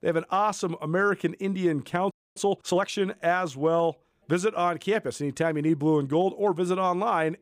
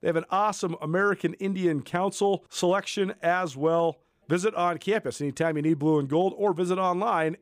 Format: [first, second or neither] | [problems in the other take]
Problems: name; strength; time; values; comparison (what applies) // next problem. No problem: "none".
second | audio freezing; at 2 s